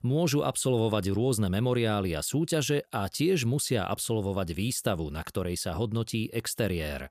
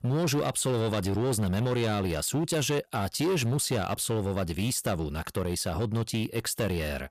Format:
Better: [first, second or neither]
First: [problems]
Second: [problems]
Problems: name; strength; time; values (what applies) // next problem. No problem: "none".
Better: first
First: none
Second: distortion; slight; 16% of the sound clipped